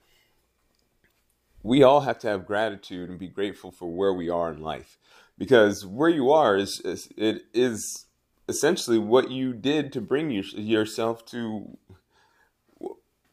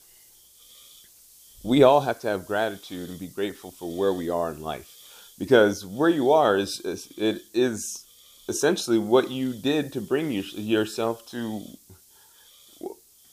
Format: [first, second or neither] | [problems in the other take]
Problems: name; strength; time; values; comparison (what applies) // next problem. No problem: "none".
first | hiss; faint; throughout; 25 dB below the speech